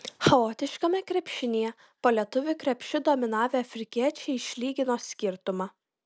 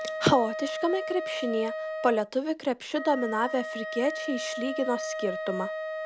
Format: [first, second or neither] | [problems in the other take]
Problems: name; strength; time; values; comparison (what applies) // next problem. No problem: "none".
first | background sound (Wind instrument, woodwind instrument); 6 dB below the speech